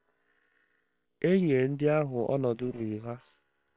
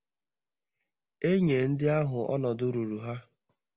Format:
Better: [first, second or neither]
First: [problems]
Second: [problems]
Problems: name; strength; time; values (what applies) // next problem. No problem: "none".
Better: second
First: noise reduction (neural separator model SepFormer WHAM!)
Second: none